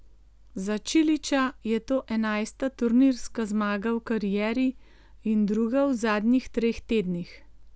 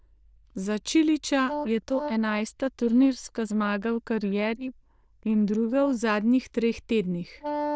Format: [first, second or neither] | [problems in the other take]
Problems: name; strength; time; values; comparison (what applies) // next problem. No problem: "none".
first | noise reduction (neural diffusion model UNIVERSE++)